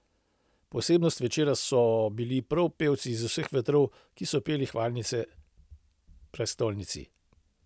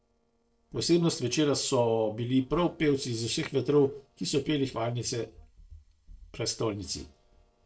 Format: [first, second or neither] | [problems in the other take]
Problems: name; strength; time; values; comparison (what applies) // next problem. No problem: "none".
first | noise reduction (neural separator model SepFormer DNS4)